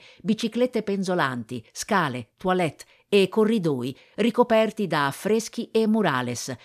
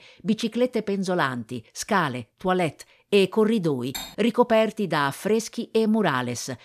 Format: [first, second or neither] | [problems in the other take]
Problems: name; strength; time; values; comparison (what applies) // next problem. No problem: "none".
first | clattering dishes; faint; at 4 s; peak 10 dB below the speech